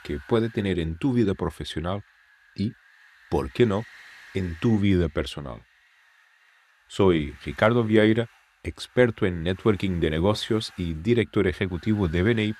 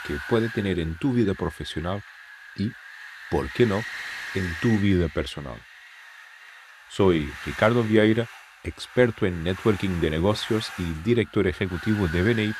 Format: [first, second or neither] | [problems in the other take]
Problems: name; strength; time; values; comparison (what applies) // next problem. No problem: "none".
first | wind noise on the microphone; heavy; 10 dB below the speech; occasional gusts in the first